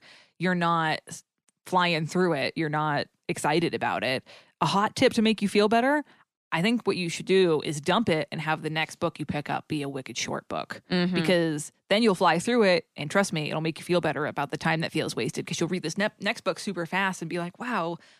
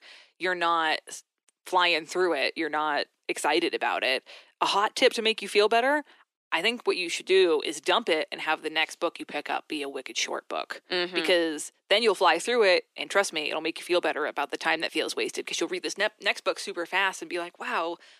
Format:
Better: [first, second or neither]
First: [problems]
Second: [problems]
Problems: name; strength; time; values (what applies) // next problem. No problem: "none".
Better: first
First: none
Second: thin; somewhat; fading below 350 Hz